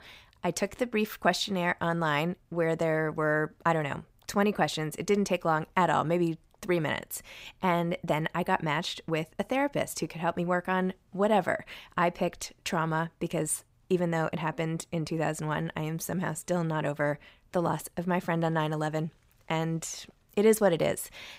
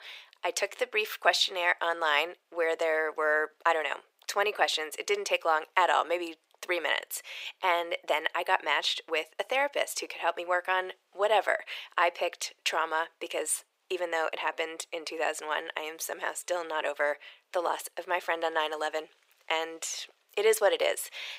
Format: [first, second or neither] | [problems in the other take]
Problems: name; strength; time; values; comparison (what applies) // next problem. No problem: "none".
first | thin; very; fading below 400 Hz